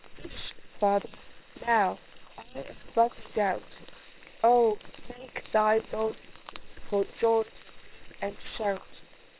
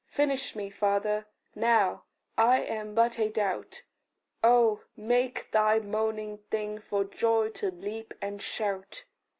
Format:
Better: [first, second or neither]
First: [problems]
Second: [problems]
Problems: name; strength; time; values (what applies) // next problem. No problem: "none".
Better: second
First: noise reduction (neural separator model SepFormer WHAM!)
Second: none